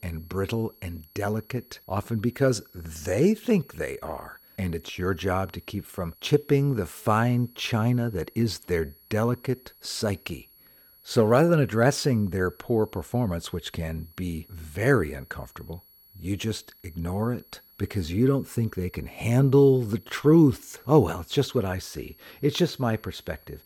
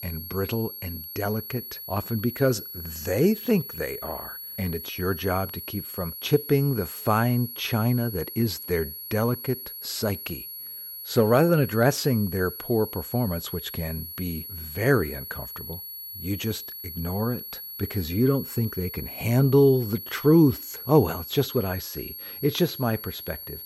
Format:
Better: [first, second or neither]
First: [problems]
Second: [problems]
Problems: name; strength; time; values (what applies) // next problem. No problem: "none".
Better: first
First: high-pitched whine; faint; throughout; 11.5 kHz, 25 dB below the speech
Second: high-pitched whine; loud; throughout; 11.5 kHz, 10 dB below the speech